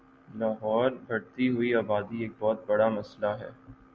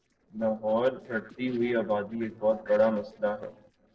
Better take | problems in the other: first | noise reduction (neural separator model SepFormer DNS4)

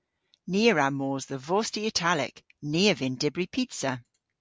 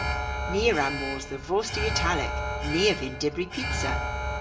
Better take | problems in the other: first | background sound (Alarm); 1 dB below the speech // room echo; dies away in 0.6 s

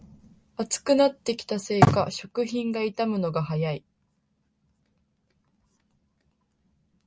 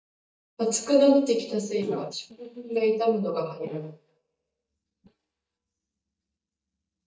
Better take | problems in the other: first | noise reduction (neural mask model DeepFilterNet 3)

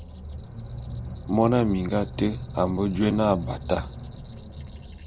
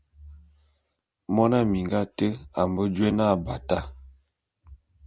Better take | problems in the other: second | background sound (Squeak); 10 dB below the speech

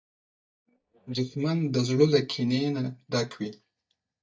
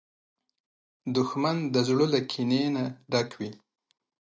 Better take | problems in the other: second | noise reduction (neural mask model DeepFilterNet 3)

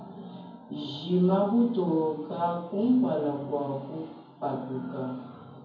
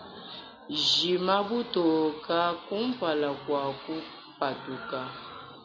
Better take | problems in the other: second | room echo; dies away in 0.9 s

